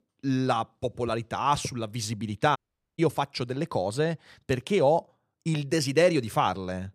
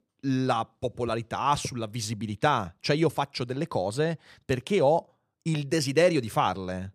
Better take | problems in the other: second | audio cutting out; at 2.5 s

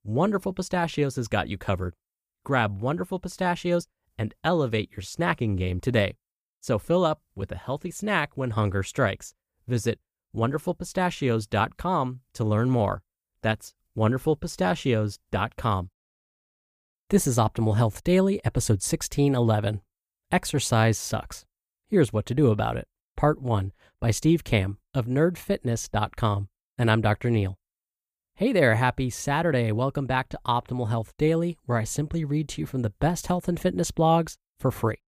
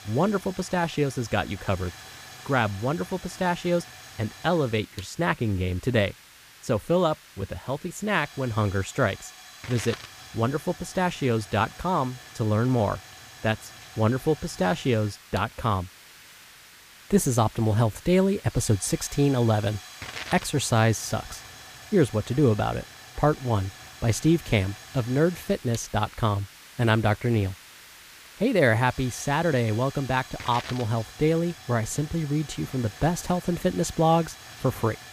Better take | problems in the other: first | hiss; noticeable; throughout; 15 dB below the speech

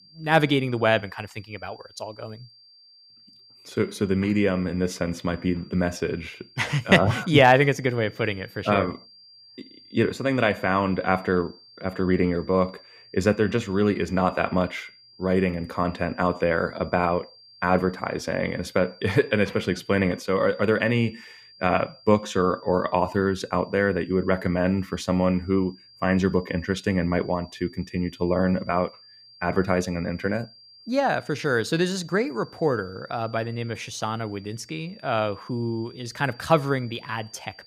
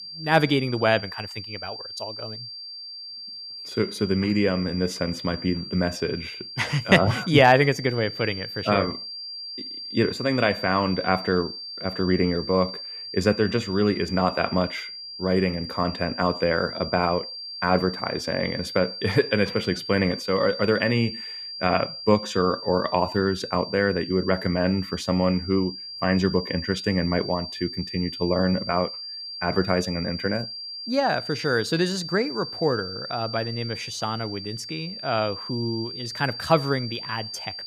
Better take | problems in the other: first | high-pitched whine; loud; throughout; 4.5 kHz, 9 dB below the speech; faint in the first

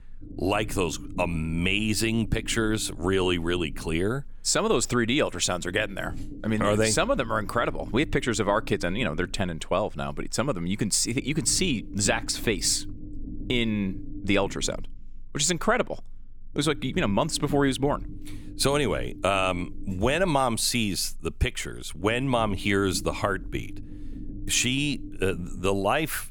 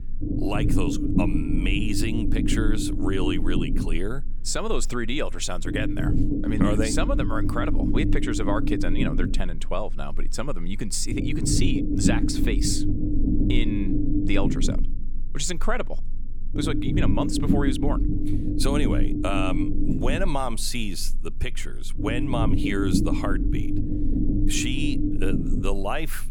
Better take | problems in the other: first | low rumble; loud; throughout; 2 dB below the speech; faint in the first

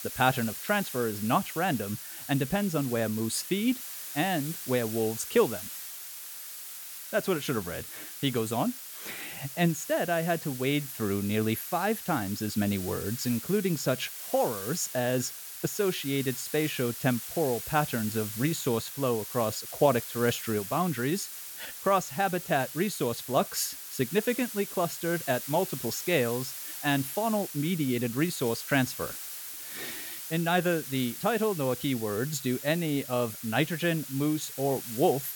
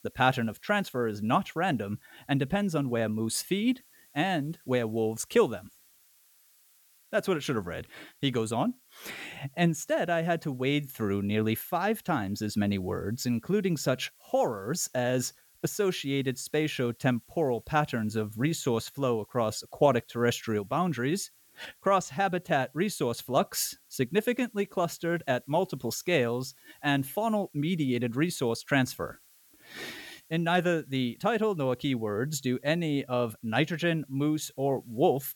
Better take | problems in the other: second | hiss; loud; throughout; 8 dB below the speech; faint in the second

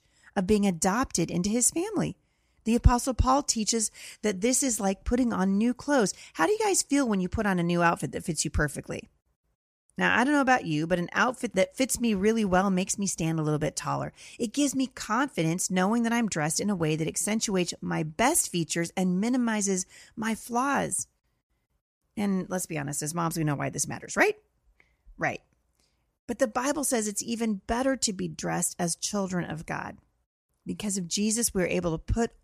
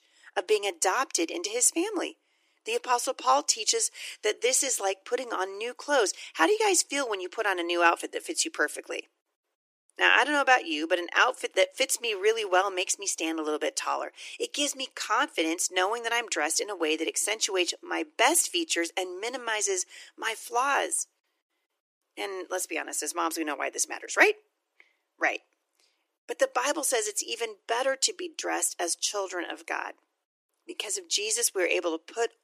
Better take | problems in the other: first | thin; very; fading below 300 Hz

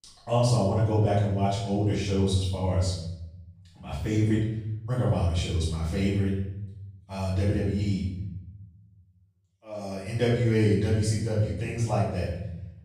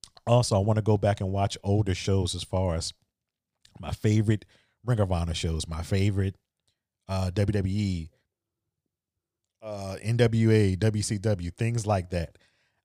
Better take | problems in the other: second | off-mic speech; far // room echo; noticeable; dies away in 0.8 s

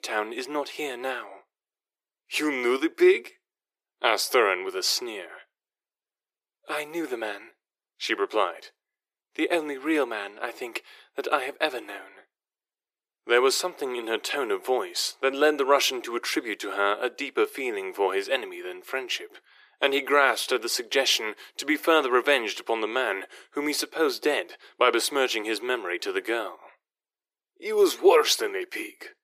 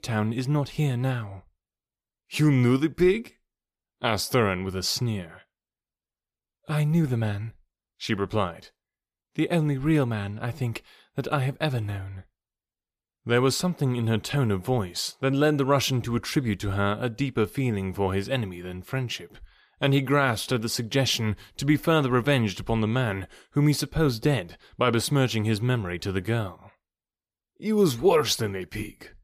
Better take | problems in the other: second | thin; very; fading below 350 Hz

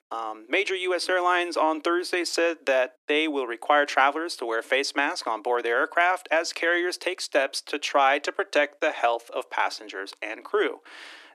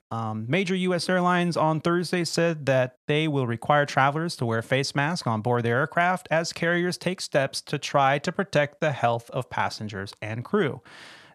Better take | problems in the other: second | thin; very; fading below 300 Hz

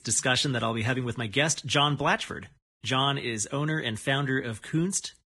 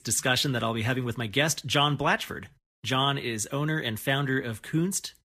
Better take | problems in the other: second | garbled, watery; badly; slightly in the second

